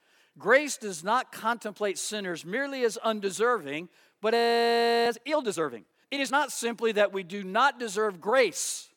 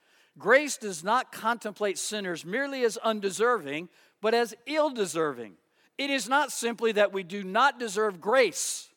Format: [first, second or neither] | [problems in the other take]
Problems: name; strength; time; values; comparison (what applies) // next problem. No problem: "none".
second | audio freezing; at 4.5 s for 0.5 s